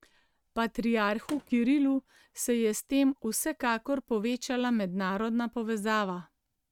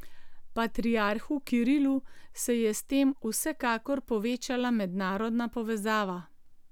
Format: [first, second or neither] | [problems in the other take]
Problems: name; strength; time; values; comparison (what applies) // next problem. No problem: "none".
second | noise reduction (neural mask model RNNoise)